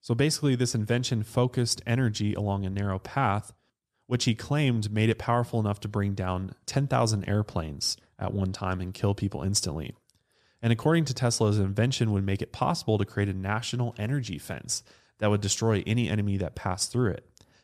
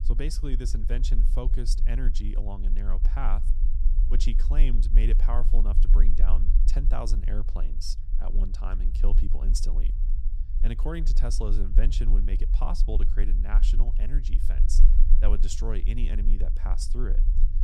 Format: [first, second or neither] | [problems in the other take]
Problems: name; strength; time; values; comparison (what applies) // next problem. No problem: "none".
first | low rumble; noticeable; throughout; 10 dB below the speech